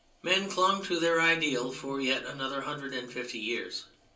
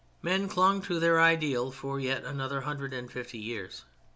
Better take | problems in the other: second | room echo; dies away in 0.3 s

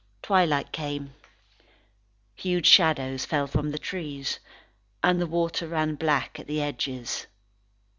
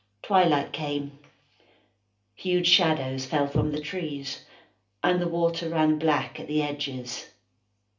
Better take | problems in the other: first | room echo; dies away in 0.3 s

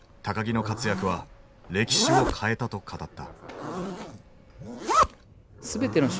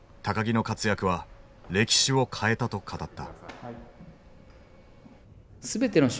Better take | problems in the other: second | background sound (Zipper (clothing)); 1 dB below the speech

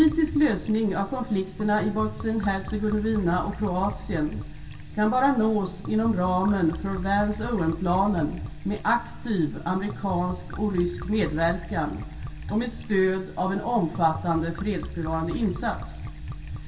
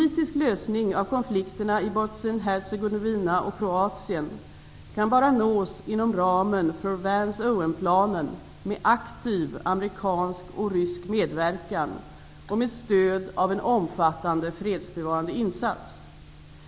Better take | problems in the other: second | background sound (Liquid); 12 dB below the speech // room echo; dies away in 0.2 s

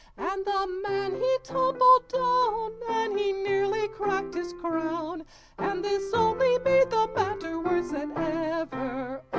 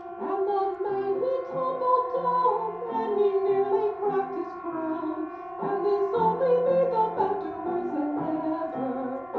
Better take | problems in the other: first | background sound (Siren); 11 dB below the speech // room echo; dies away in 0.5 s

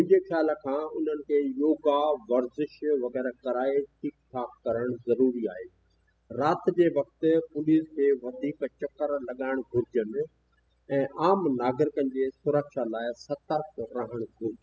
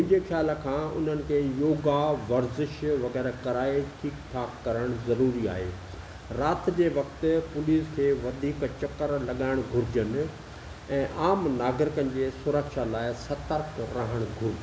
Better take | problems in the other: second | noise reduction (classical method spectral subtraction)

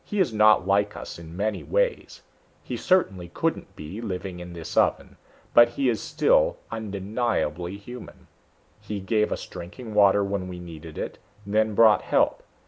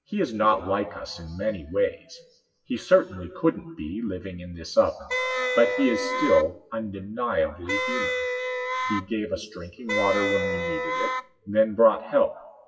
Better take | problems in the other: first | noise reduction (classical method WPE with log-MMSE)

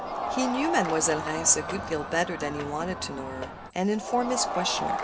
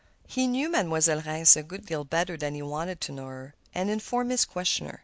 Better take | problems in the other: second | background sound (Crowd); 4 dB below the speech // room echo; dies away in 0.3 s

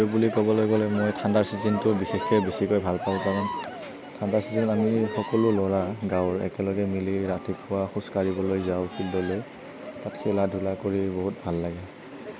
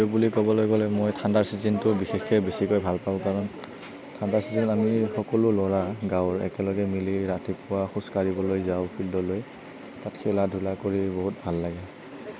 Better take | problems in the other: second | background sound (Cheering); 14 dB below the speech

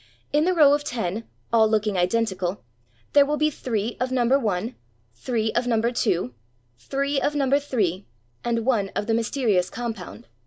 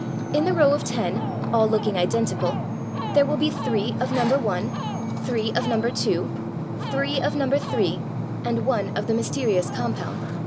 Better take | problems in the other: first | background sound (Ocean); 3 dB below the speech

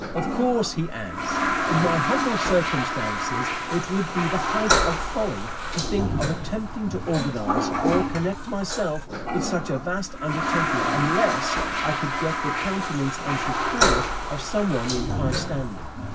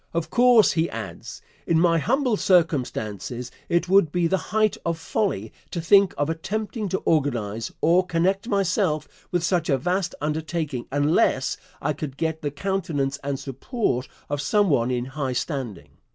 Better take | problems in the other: second | background sound (Toilet flush); 1 dB above the speech // room echo; dies away in 0.4 s

